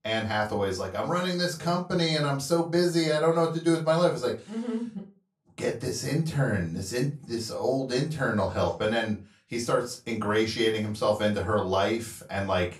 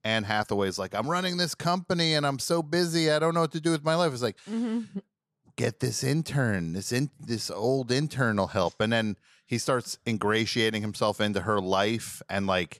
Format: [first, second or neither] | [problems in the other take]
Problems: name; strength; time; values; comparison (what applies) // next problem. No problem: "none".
second | off-mic speech; far // room echo; very slight; dies away in 0.2 s